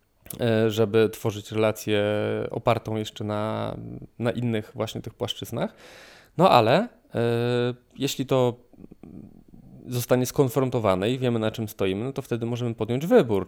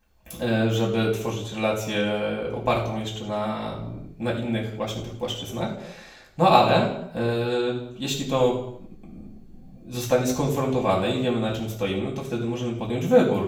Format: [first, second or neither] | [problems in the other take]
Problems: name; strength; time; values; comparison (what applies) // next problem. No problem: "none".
first | room echo; noticeable; dies away in 0.6 s // off-mic speech; far